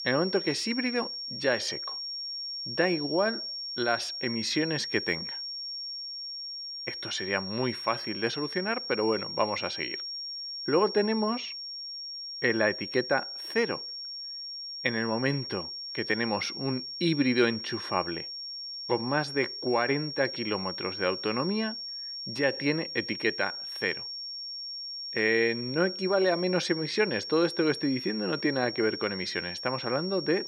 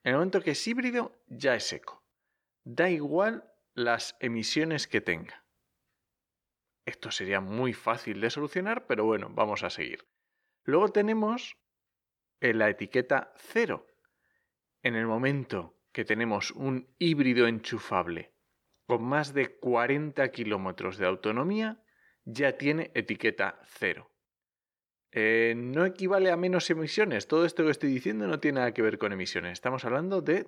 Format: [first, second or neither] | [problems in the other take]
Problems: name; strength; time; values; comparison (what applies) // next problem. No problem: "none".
second | high-pitched whine; loud; throughout; 5.5 kHz, 6 dB below the speech